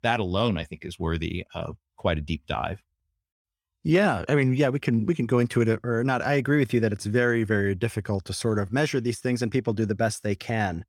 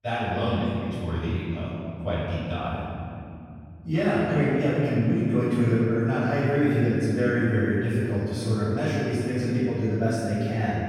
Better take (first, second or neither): first